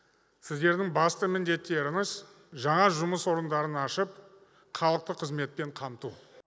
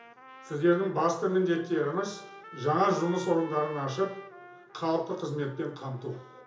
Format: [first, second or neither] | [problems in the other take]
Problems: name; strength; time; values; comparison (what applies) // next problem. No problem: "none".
first | background sound (Trumpet); 19 dB below the speech // room echo; dies away in 0.7 s